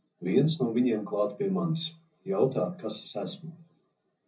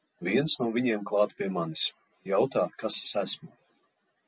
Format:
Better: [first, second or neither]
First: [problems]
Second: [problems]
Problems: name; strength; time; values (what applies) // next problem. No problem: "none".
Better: second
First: room echo; dies away in 0.4 s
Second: none